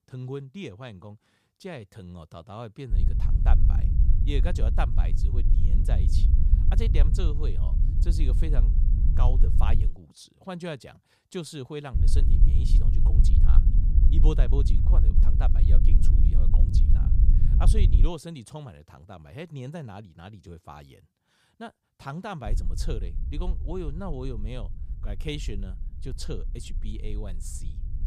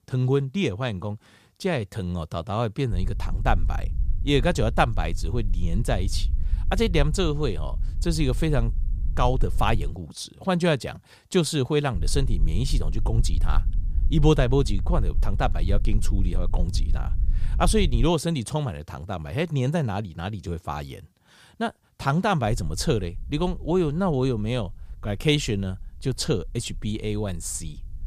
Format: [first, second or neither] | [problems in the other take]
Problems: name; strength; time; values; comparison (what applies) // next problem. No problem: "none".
second | low rumble; loud; from 3 to 10 s, from 12 to 18 s and from 22 s on; 4 dB below the speech; faint in the second